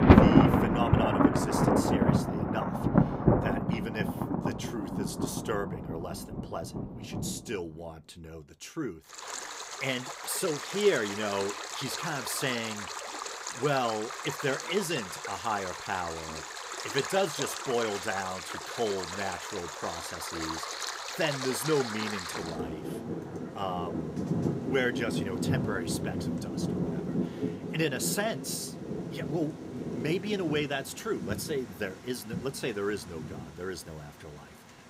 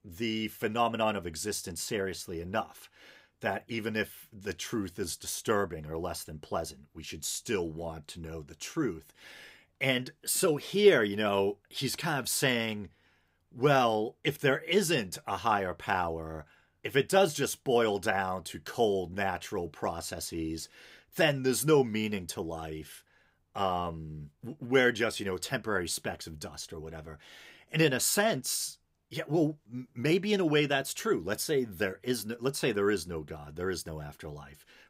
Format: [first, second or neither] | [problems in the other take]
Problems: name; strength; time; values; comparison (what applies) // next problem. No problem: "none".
second | rain or running water; very loud; throughout; 2 dB above the speech